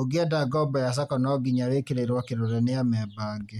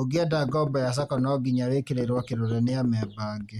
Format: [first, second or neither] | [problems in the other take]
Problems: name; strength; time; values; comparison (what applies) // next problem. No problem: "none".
first | background sound (Knock / Wood); 15 dB below the speech